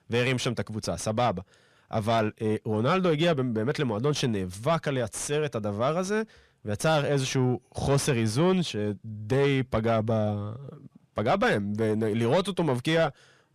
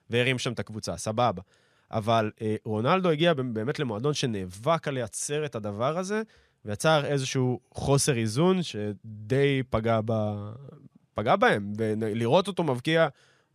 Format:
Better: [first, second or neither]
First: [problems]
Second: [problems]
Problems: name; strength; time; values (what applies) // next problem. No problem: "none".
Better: second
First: distortion; slight; 10 dB below the speech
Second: none